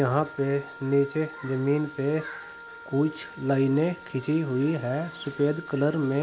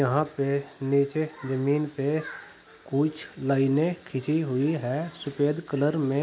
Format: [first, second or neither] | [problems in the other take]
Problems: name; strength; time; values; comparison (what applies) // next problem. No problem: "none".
second | background sound (Wind instrument, woodwind instrument); 17 dB below the speech